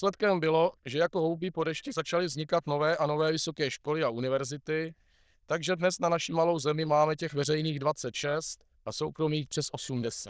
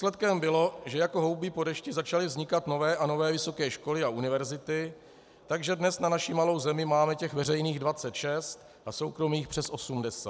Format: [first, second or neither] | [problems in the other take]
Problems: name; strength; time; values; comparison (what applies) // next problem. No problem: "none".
second | noise reduction (neural diffusion model UNIVERSE++)